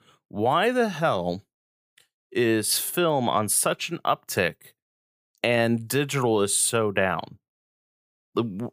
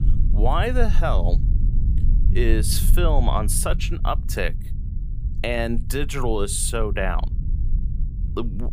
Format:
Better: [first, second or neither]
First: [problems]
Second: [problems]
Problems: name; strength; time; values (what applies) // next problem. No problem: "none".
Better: first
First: none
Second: low rumble; noticeable; throughout; 15 dB below the speech